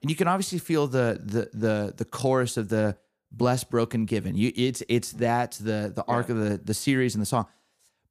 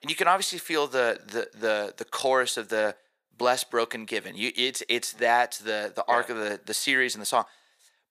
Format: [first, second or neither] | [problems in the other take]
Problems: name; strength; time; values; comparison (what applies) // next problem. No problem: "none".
first | thin; very; fading below 600 Hz